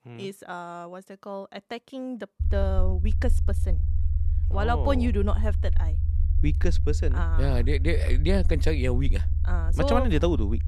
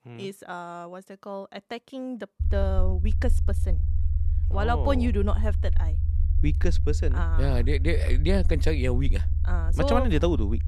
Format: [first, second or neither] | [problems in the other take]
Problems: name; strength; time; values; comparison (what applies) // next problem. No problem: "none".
neither | low rumble; noticeable; from 2.5 s on; 15 dB below the speech; the same in both